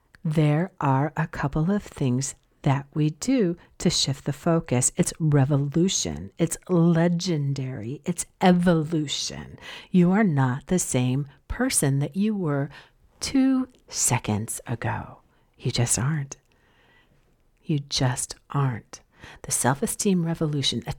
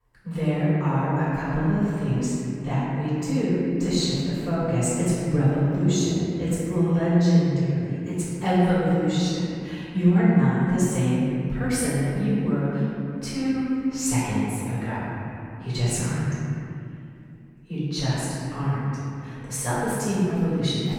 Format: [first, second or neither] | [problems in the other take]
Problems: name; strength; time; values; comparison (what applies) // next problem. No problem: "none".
first | off-mic speech; far // room echo; strong; dies away in 2.6 s